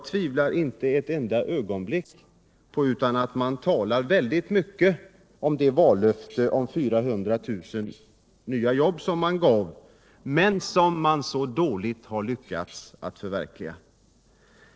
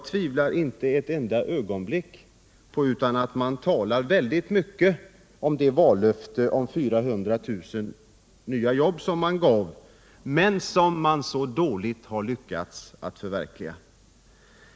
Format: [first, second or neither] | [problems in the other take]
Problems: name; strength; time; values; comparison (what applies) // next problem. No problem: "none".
second | noise reduction (neural separator model SepFormer DNS4)